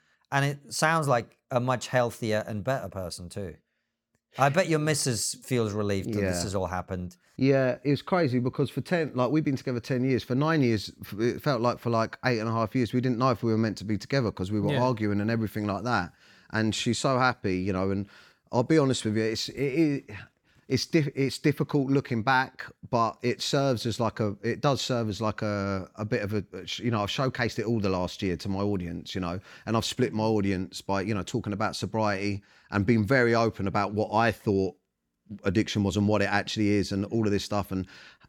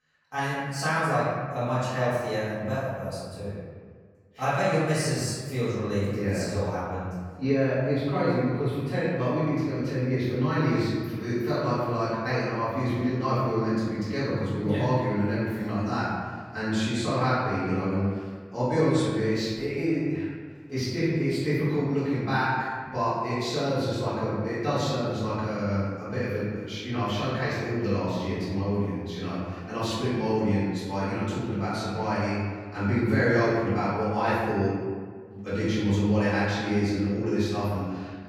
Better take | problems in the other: first | off-mic speech; far // room echo; strong; dies away in 1.5 s

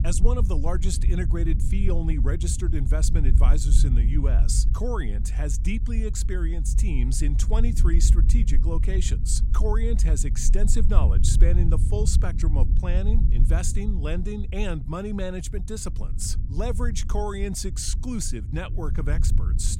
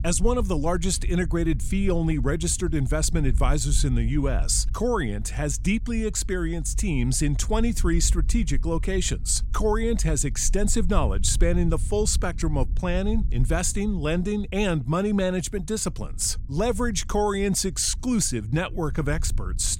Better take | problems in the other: second | low rumble; loud; throughout; 9 dB below the speech; faint in the second

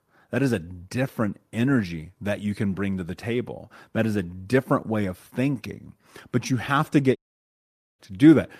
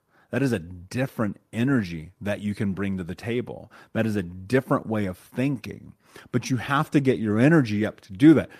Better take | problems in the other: second | audio cutting out; at 7 s for 1 s

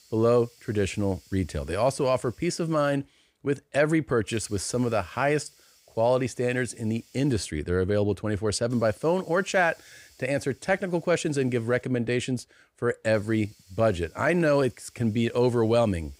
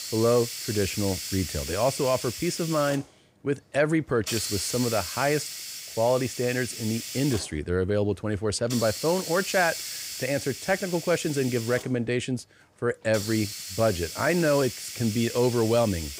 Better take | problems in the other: first | hiss; loud; throughout; 7 dB below the speech; faint in the first

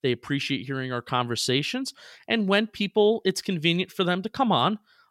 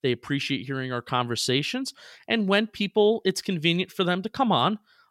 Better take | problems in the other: neither | none

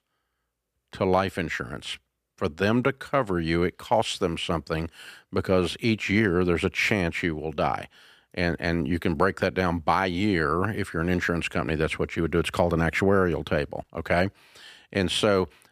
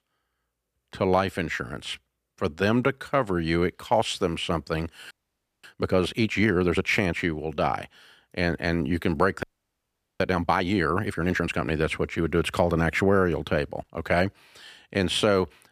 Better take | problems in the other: first | audio freezing; at 5 s for 0.5 s and at 9.5 s for 1 s

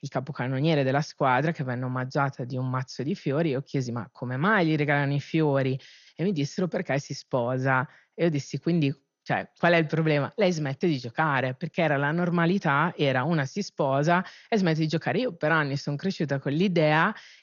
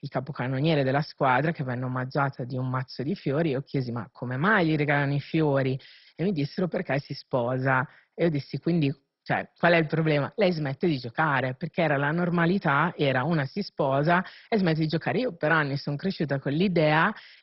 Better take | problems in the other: first | garbled, watery; badly; nothing above 5.5 kHz; slightly in the first

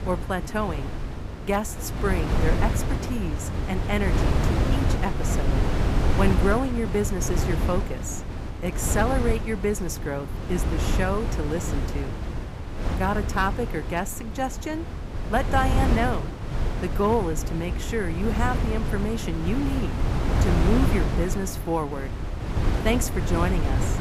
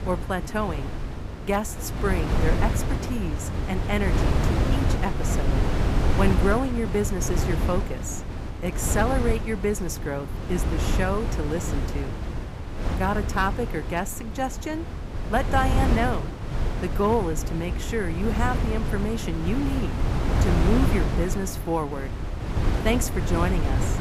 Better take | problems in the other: neither | wind noise on the microphone; heavy; 5 dB below the speech; the same in both

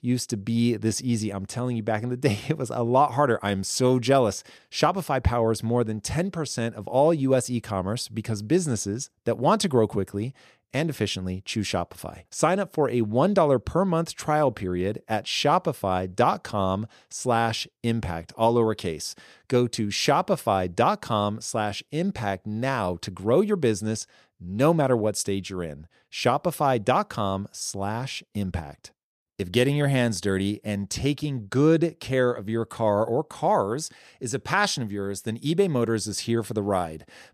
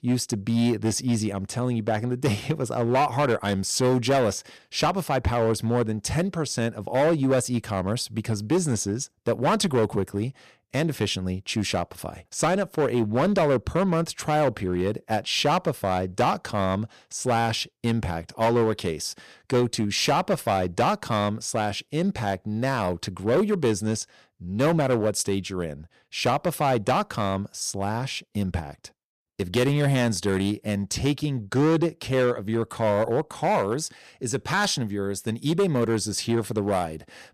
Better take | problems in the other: first | distortion; slight; 7% of the sound clipped

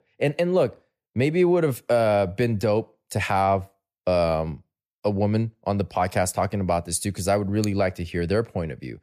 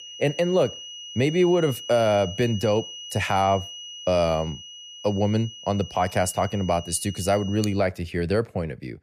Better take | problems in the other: first | high-pitched whine; noticeable; until 7.5 s; 3 kHz, 15 dB below the speech

